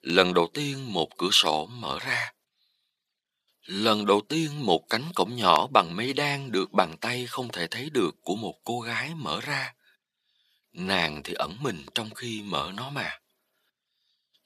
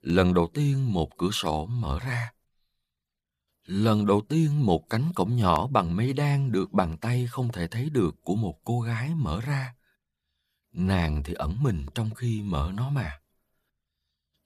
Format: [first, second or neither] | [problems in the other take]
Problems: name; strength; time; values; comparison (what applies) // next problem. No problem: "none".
second | thin; somewhat; fading below 300 Hz